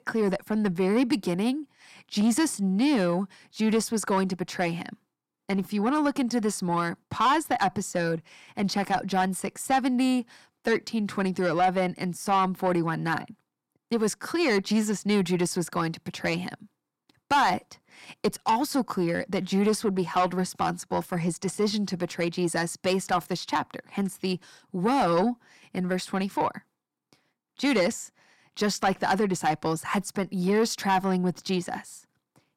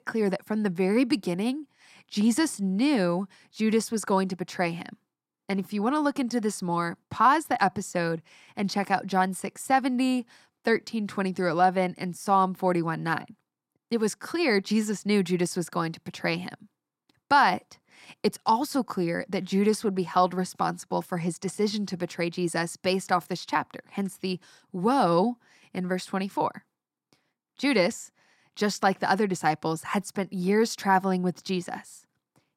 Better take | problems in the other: second | distortion; slight; 10 dB below the speech

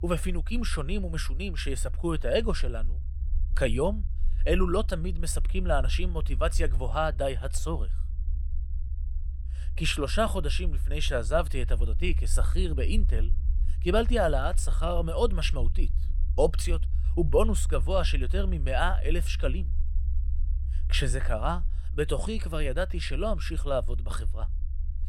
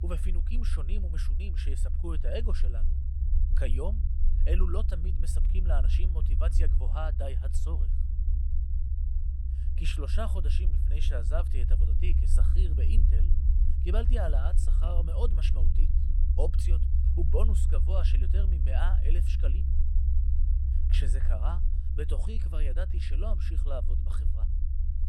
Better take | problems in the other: first | low rumble; loud; throughout; 7 dB below the speech; faint in the first

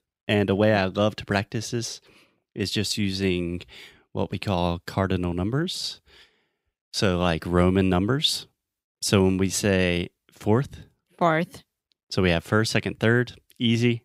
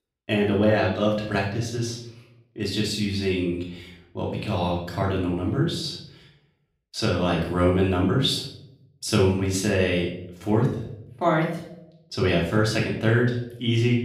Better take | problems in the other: first | off-mic speech; far // room echo; noticeable; dies away in 0.6 s

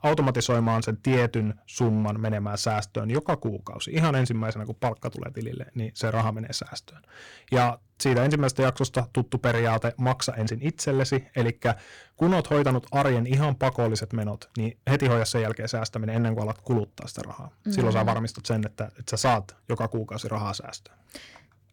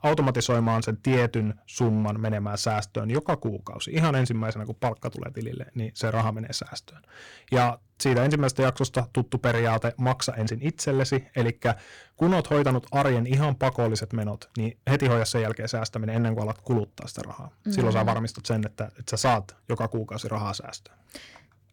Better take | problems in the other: neither | distortion; slight; 7% of the sound clipped; the same in both

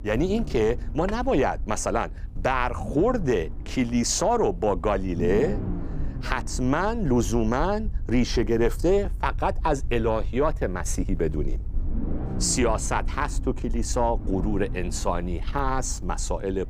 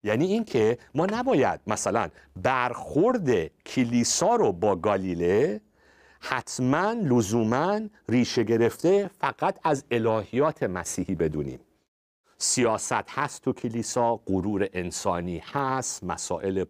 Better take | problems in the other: second | low rumble; noticeable; throughout; 20 dB below the speech

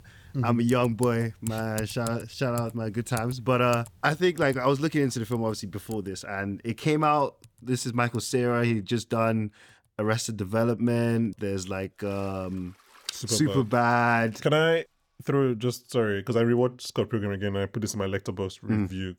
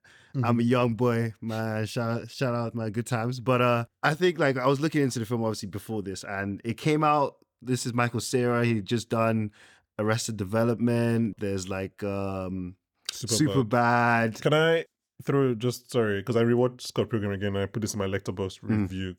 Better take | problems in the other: second | household noises; noticeable; throughout; 20 dB below the speech

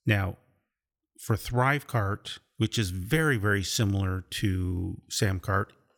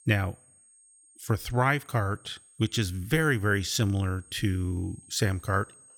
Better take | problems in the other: first | high-pitched whine; faint; throughout; 8.5 kHz, 25 dB below the speech

